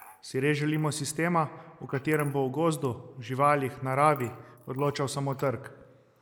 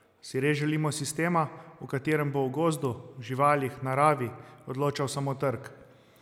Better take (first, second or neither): second